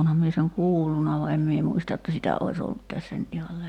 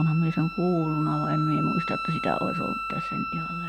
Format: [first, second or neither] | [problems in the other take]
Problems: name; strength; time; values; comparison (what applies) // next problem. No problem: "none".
first | background sound (Wind instrument, woodwind instrument); 6 dB below the speech